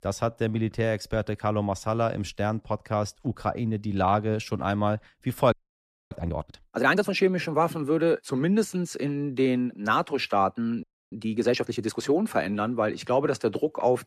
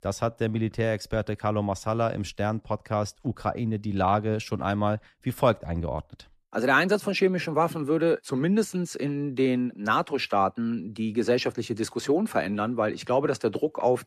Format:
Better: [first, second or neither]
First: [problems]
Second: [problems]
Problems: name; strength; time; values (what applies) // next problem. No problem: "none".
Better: second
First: audio freezing; at 5.5 s for 0.5 s and at 11 s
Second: none